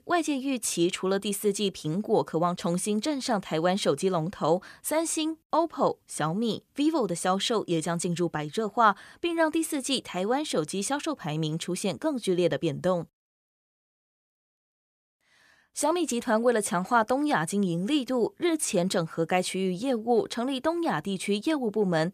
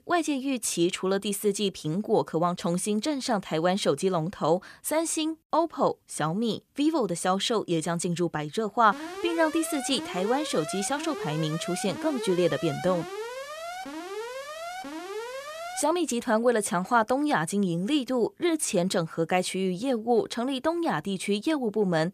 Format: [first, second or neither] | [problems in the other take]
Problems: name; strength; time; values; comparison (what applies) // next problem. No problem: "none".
first | alarm; noticeable; from 9 to 16 s; peak 9 dB below the speech